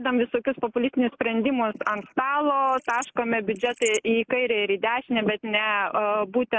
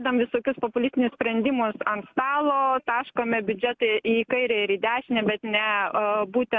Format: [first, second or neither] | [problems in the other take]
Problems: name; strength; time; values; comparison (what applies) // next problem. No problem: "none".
second | noise reduction (neural mask model Resemble Enhance denoiser)